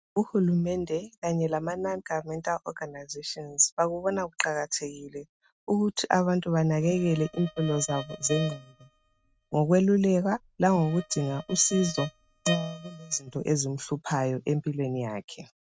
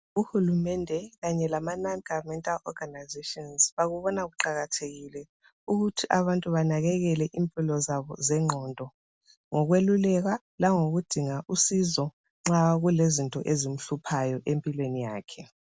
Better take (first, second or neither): second